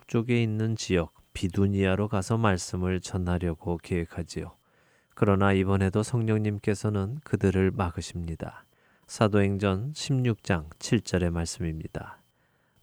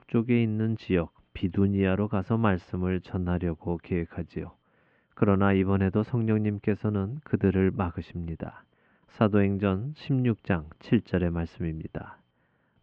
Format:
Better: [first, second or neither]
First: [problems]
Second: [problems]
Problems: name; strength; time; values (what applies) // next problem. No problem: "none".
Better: first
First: none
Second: muffled; very; fading above 3 kHz